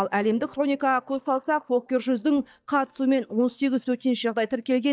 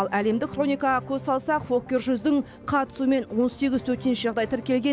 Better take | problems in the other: second | noise reduction (neural mask model DeepFilterNet 3)

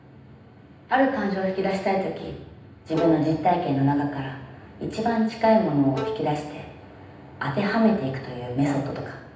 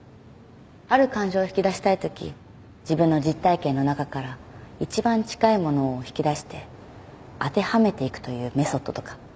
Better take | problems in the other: second | background sound (Bowed string instrument); 13 dB below the speech // room echo; dies away in 0.9 s

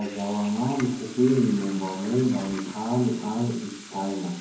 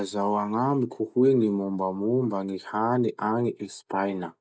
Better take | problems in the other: second | background sound (Toilet flush / Water tap, faucet); 16 dB below the speech // room echo; dies away in 0.9 s

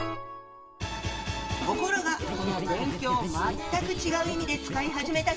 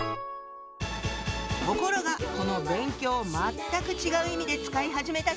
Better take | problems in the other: second | background sound (Scratching (performance technique)); 7 dB below the speech // room echo; dies away in 3 s

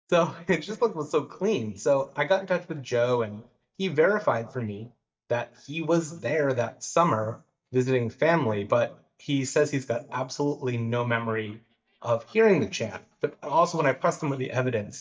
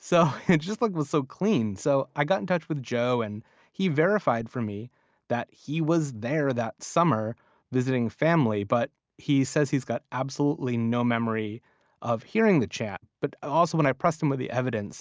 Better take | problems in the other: second | noise reduction (neural mask model DeepFilterNet 3)

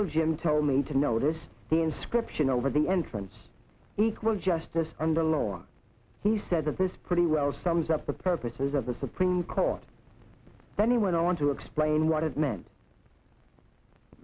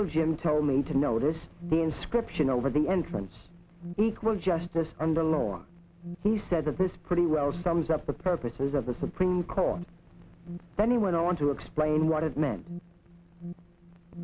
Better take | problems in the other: first | background sound (Alarm); 15 dB below the speech

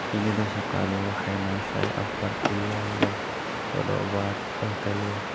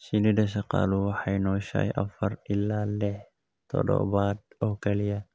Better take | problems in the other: second | background sound (Waves, surf + Run); as loud as the speech

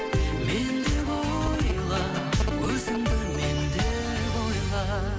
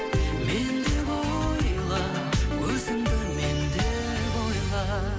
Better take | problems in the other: second | background sound (Telephone); 16 dB below the speech

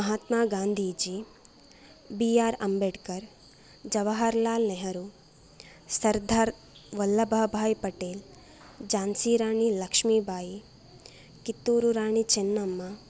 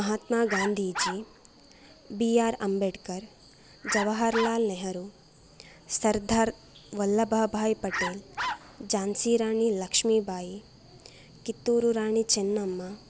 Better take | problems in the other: first | background sound (Bark); 6 dB below the speech

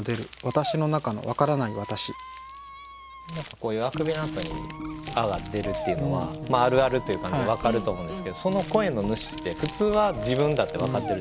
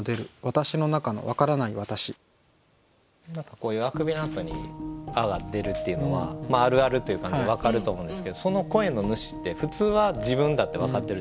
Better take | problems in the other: second | background sound (Crumpling, crinkling + Squeak); 14 dB below the speech

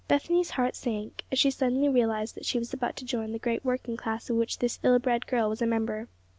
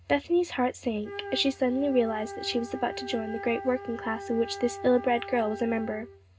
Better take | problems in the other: first | background sound (Wind instrument, woodwind instrument); 12 dB below the speech // room echo; dies away in 0.2 s

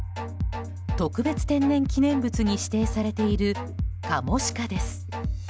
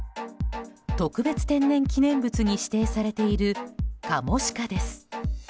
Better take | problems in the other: second | background sound (Domestic sounds, home sounds); 9 dB below the speech

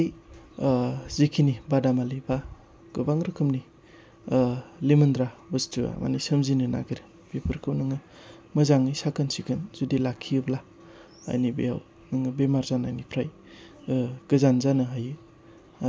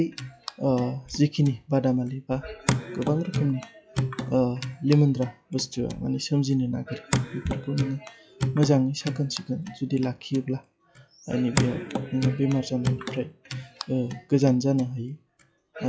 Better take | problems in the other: first | noise reduction (classical method log-MMSE)

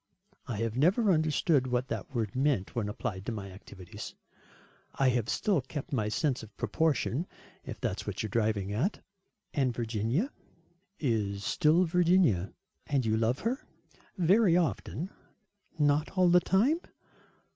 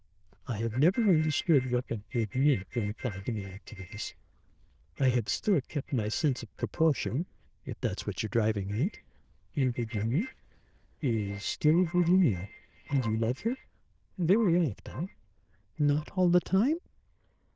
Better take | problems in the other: first | noise reduction (neural diffusion model UNIVERSE++)

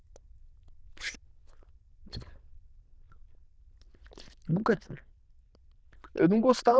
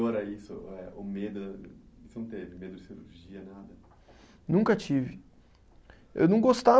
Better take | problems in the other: second | noise reduction (neural diffusion model UNIVERSE++)

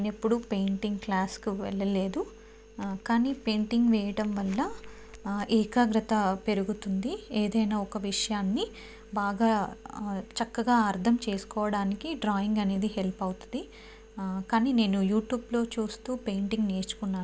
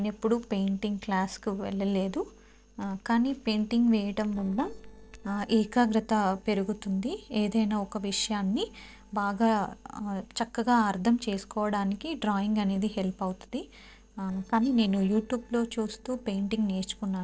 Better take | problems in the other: first | noise reduction (neural separator model SepFormer DNS4)

